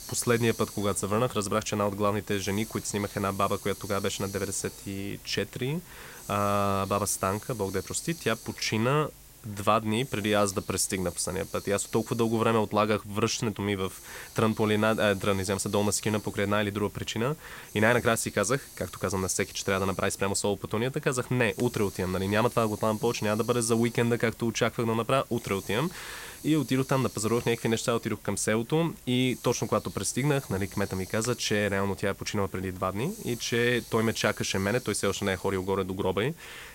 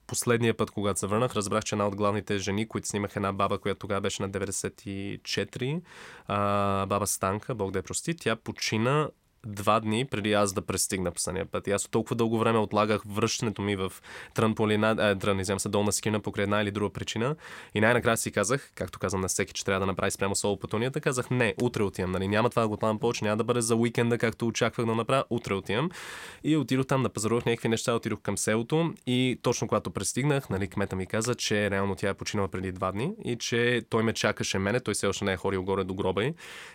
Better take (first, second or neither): second